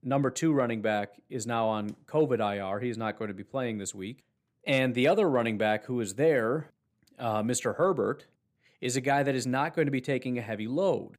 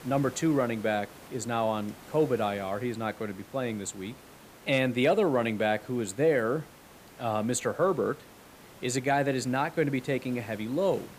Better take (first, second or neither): first